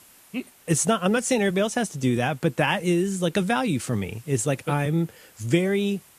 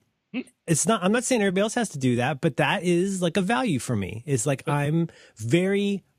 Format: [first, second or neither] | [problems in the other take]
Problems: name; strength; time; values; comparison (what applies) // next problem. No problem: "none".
second | hiss; faint; throughout; 25 dB below the speech